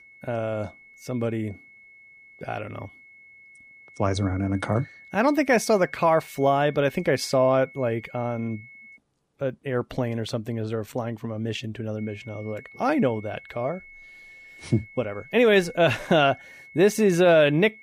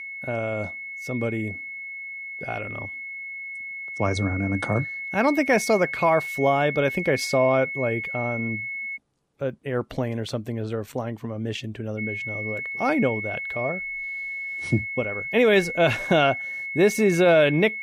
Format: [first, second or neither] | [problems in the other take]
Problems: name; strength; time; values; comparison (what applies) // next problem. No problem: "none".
first | high-pitched whine; loud; until 9 s and from 12 s on; 2 kHz, 6 dB below the speech; faint in the first